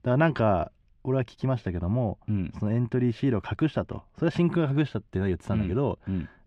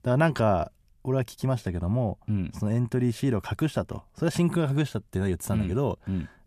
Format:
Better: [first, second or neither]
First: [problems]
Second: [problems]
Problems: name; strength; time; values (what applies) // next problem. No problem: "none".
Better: second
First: muffled; slightly; fading above 3 kHz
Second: none